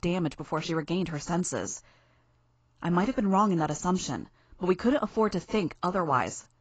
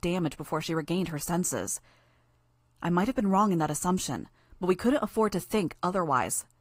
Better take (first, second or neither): second